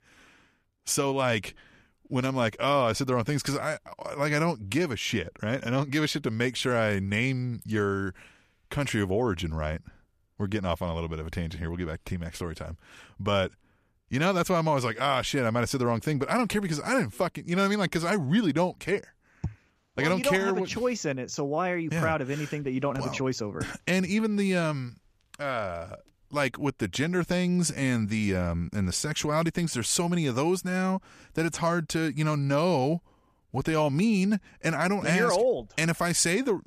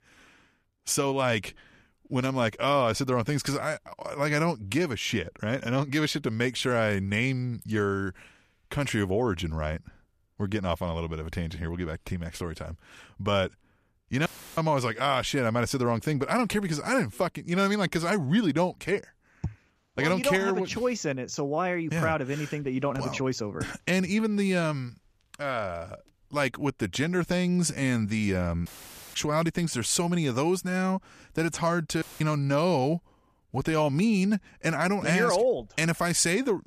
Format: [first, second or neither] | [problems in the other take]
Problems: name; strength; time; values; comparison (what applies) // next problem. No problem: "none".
first | audio cutting out; filled with static; at 14 s, at 29 s and at 32 s